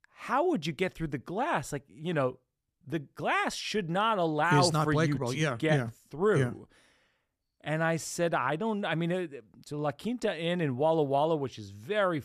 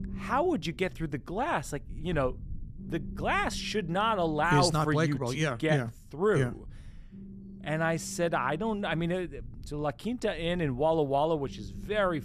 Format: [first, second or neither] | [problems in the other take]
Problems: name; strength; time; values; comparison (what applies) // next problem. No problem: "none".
first | low rumble; faint; throughout; 25 dB below the speech